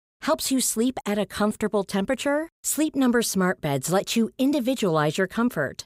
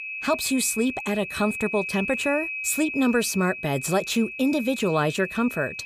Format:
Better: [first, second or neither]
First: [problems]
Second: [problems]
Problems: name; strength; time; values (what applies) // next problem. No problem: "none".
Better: first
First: none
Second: high-pitched whine; loud; throughout; 2.5 kHz, 7 dB below the speech